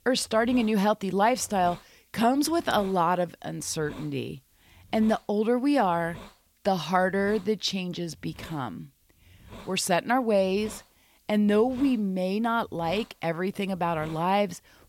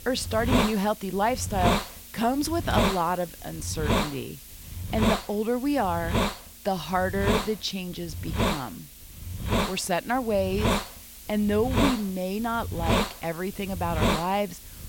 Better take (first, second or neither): first